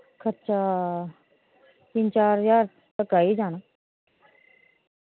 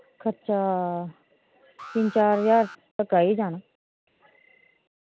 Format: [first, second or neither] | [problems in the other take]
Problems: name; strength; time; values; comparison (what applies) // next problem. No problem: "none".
first | background sound (Alarm); 18 dB below the speech